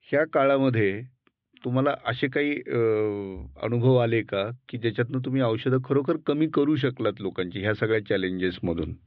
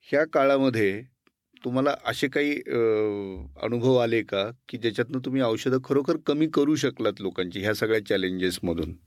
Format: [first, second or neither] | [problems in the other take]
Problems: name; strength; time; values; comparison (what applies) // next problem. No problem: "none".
second | muffled; very; fading above 3.5 kHz